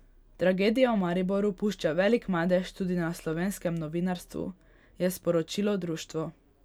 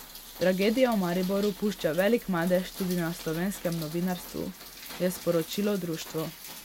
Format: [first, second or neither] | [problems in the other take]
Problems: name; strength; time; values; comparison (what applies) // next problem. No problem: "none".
first | background sound (Rain); 15 dB below the speech